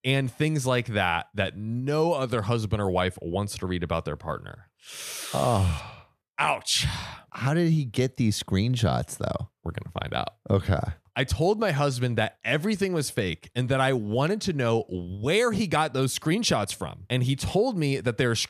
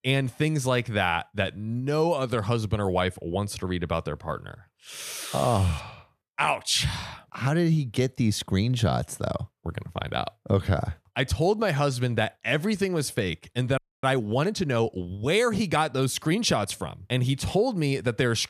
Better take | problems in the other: first | audio freezing; at 14 s

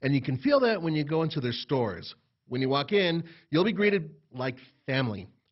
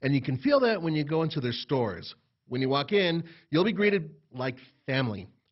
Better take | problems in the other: neither | garbled, watery; badly; nothing above 5.5 kHz; the same in both

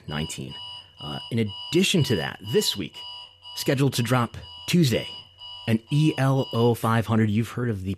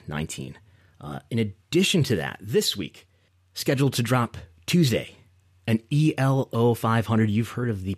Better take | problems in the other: second | alarm; faint; until 7 s; peak 10 dB below the speech

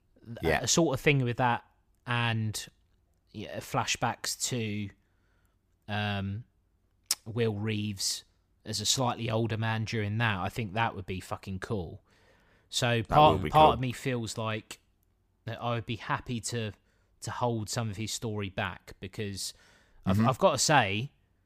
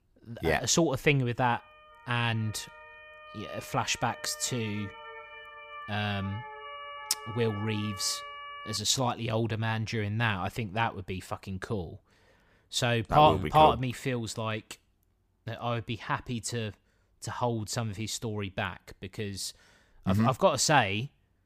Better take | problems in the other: first | siren; faint; from 1.5 to 9 s; peak 10 dB below the speech

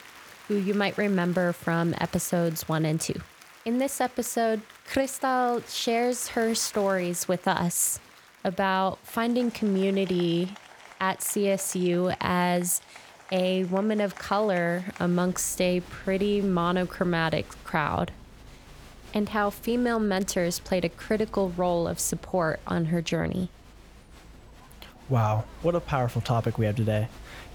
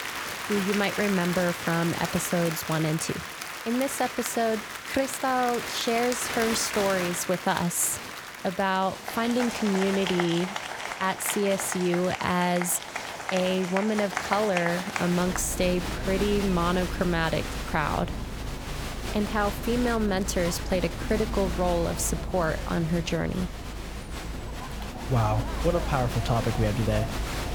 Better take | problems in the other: first | crowd noise; loud; throughout; 6 dB below the speech; faint in the first

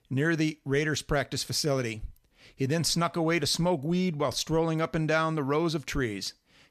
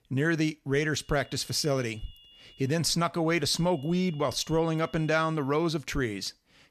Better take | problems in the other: first | high-pitched whine; faint; from 1 to 2.5 s and from 3.5 to 5.5 s; 3 kHz, 25 dB below the speech

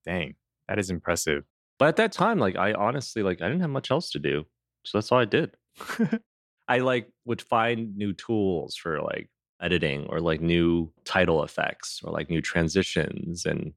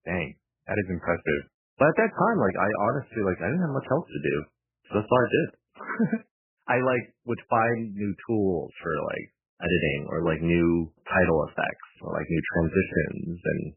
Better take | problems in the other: first | garbled, watery; badly; nothing above 3 kHz

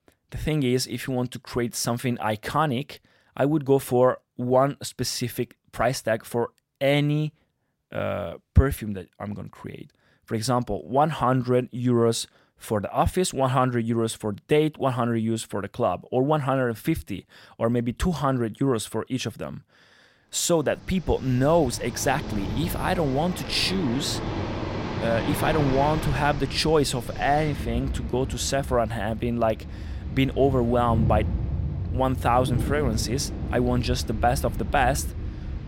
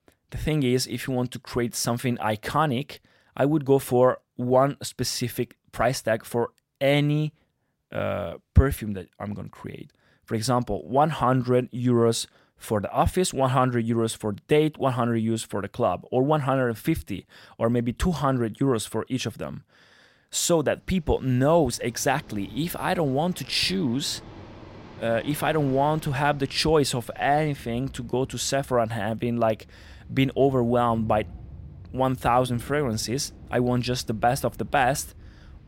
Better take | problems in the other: second | rain or running water; loud; from 21 s on; 7 dB below the speech; faint in the second

